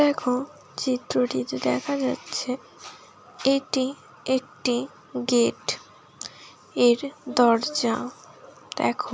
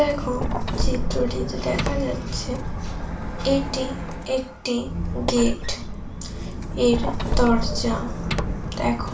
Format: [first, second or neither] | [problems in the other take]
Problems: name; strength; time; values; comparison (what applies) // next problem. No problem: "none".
first | background sound (Squeak); as loud as the speech // room echo; dies away in 0.3 s